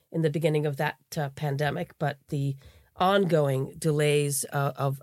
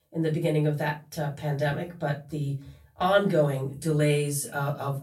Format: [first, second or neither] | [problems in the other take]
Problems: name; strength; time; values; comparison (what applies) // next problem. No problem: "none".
first | off-mic speech; far // room echo; very slight; dies away in 0.3 s